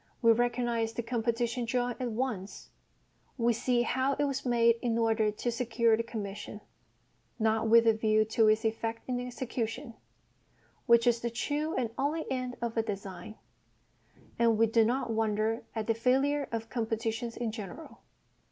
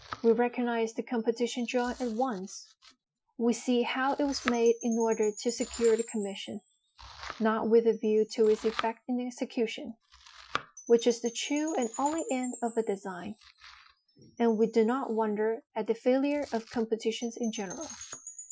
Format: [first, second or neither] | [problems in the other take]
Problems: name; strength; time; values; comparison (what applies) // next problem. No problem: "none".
first | noise reduction (classical method Wiener filter)